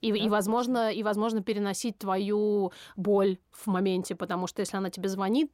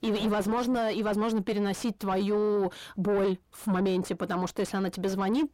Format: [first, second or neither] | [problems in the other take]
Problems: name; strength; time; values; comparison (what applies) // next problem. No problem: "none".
first | distortion; slight; 10 dB below the speech